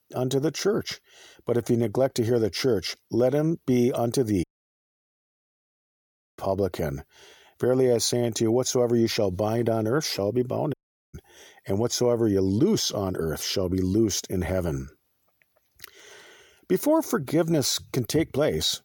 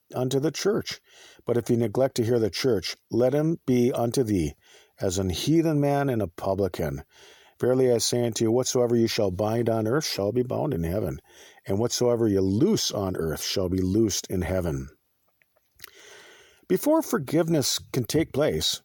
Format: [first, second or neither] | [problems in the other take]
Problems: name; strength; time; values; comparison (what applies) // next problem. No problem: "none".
second | audio cutting out; at 4.5 s for 2 s and at 11 s